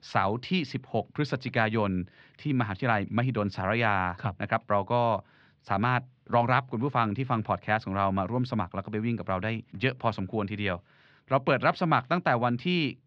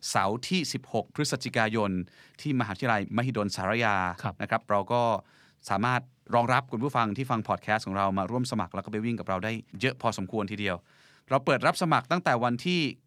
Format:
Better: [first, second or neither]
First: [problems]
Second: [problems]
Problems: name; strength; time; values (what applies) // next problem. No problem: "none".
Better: second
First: muffled; slightly; fading above 4 kHz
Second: none